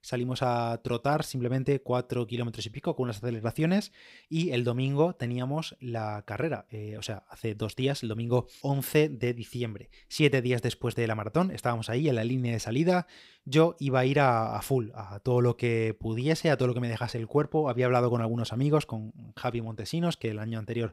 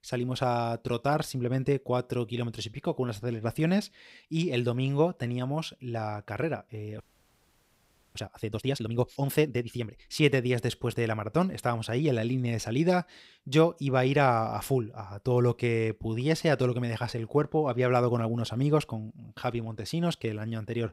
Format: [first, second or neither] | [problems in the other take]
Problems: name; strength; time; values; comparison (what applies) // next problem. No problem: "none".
first | audio freezing; at 7 s for 1 s